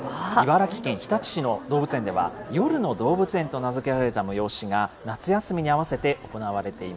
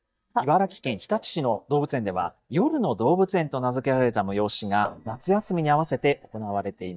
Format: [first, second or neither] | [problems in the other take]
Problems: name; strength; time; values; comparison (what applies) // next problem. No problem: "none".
first | noise reduction (neural mask model DeepFilterNet 3)